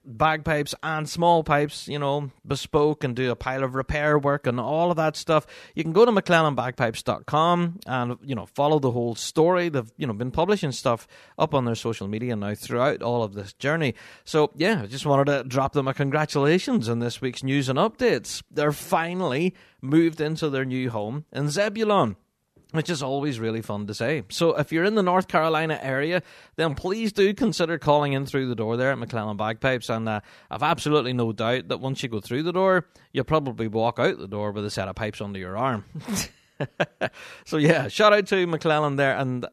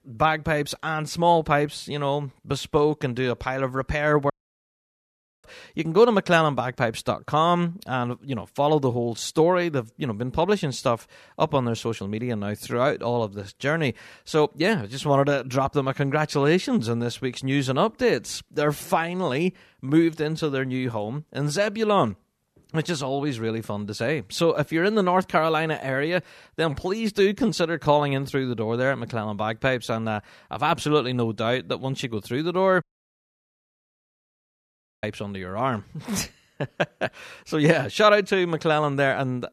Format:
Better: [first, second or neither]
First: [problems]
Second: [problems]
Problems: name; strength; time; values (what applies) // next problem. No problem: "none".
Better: first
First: none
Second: audio cutting out; at 4.5 s for 1 s and at 33 s for 2 s